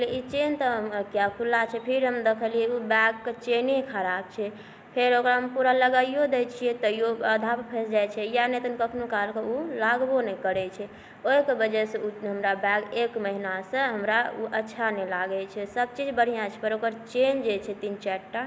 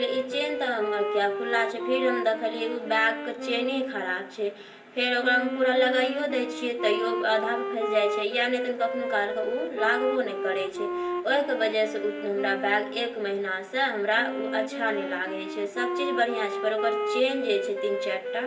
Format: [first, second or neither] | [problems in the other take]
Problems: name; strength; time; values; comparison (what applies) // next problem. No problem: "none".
first | background sound (Wind instrument, woodwind instrument); 5 dB below the speech // room echo; dies away in 0.3 s